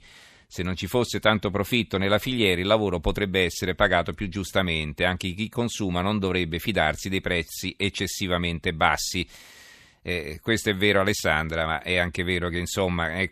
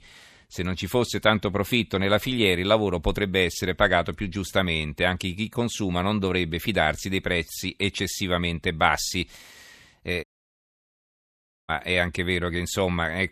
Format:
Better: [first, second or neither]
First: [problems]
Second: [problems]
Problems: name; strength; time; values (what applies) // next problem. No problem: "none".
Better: first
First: none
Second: audio cutting out; at 10 s for 1.5 s